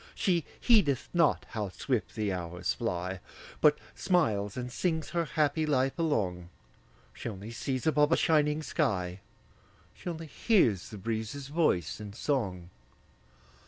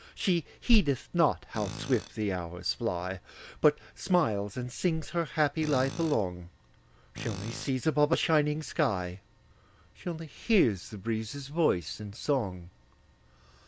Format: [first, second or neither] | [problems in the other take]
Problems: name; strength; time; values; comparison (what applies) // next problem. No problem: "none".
first | background sound (Tools); 14 dB below the speech